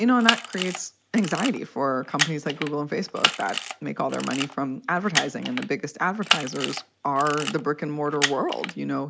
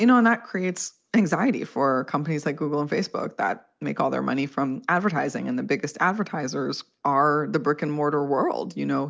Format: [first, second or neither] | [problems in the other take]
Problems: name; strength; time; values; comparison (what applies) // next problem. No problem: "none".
second | background sound (Camera); 4 dB below the speech